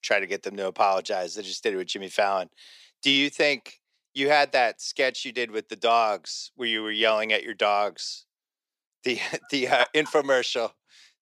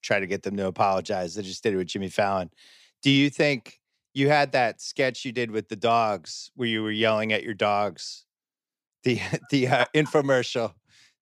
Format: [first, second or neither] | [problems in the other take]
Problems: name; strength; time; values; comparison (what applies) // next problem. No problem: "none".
second | thin; somewhat; fading below 400 Hz